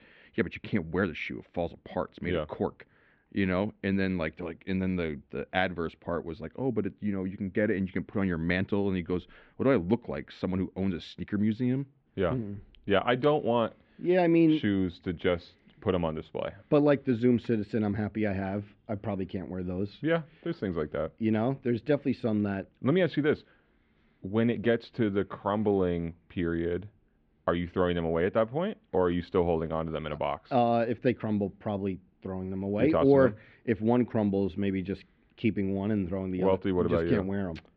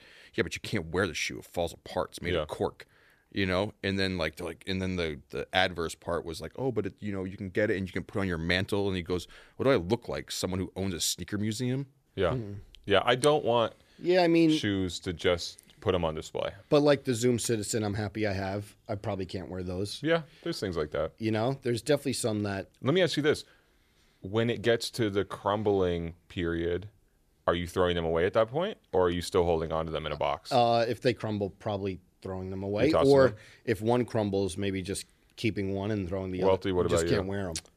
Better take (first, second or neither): second